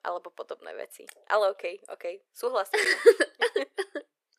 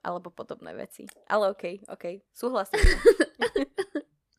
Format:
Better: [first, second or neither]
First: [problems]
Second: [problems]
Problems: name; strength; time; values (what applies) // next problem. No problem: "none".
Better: second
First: thin; very; fading below 400 Hz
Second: none